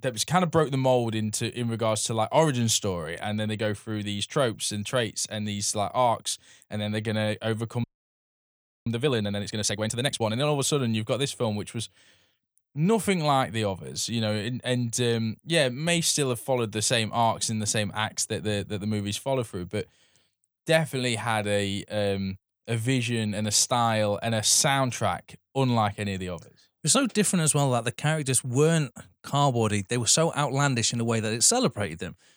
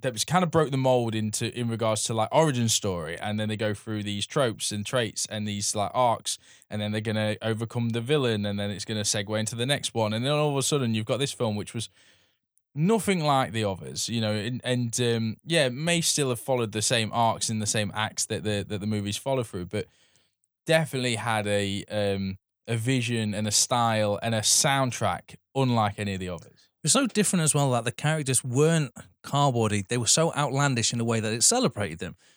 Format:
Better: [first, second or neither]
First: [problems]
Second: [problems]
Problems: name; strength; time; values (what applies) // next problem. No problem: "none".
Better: second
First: audio freezing; at 8 s for 1 s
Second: none